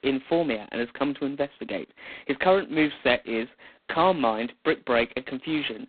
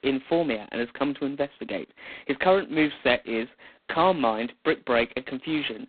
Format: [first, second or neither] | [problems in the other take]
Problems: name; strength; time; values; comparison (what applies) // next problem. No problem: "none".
neither | phone-call audio; poor line; nothing above 4 kHz; the same in both